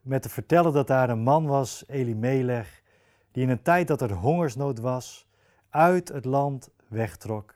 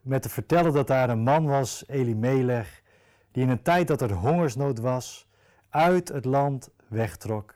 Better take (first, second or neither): first